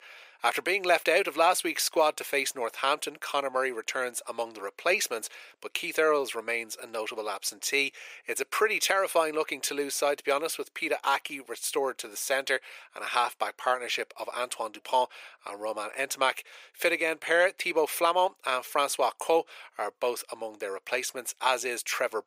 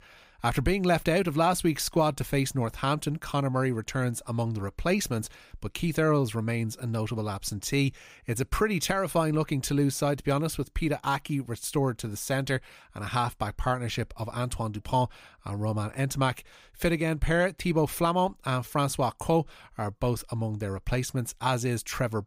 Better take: second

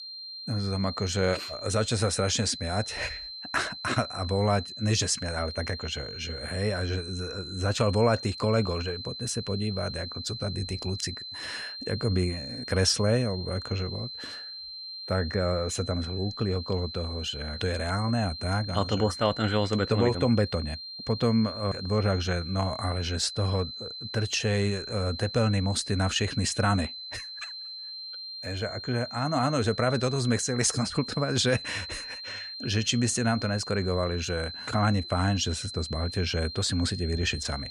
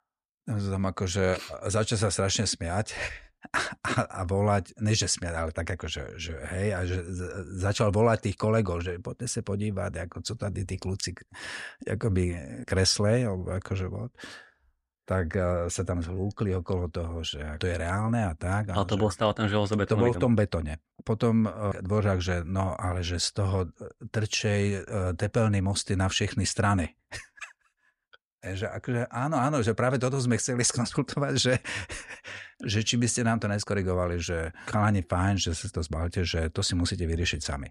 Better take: second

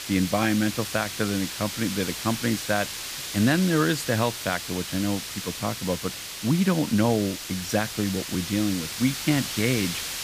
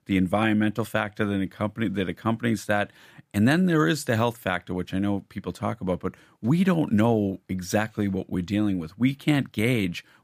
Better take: second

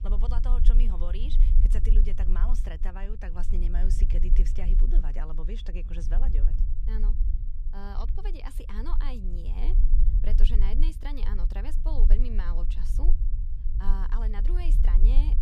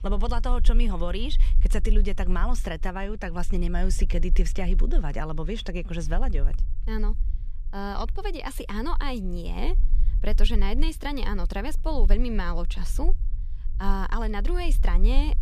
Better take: second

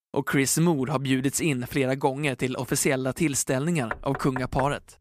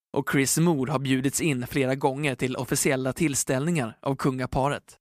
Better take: second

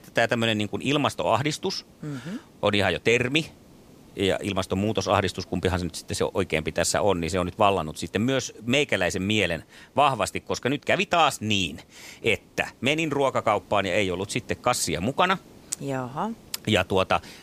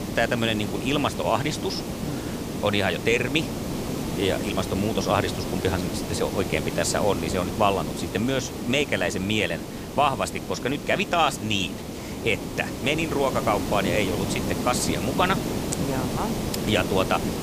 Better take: first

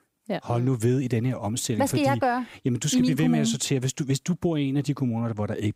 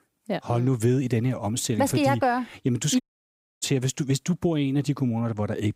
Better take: first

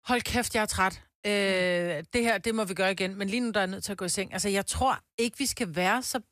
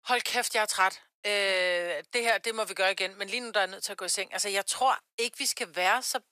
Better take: first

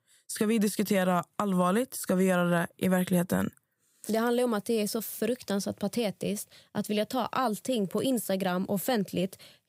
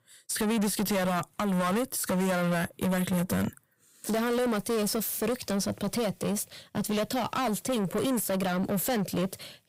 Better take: first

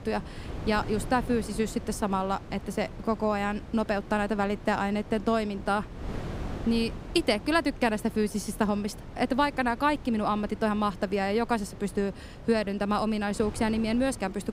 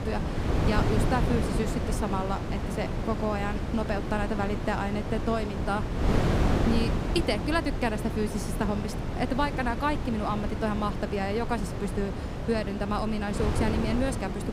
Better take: first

